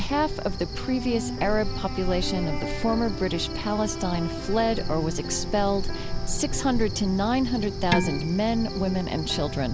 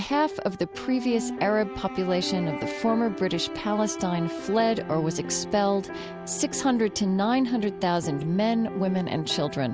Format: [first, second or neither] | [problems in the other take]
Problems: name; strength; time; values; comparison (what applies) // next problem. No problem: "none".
second | background sound (Cricket + Dishes, pots, and pans); 3 dB below the speech